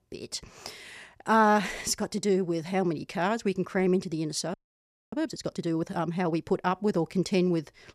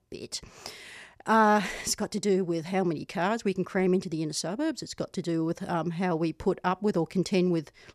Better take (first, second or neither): second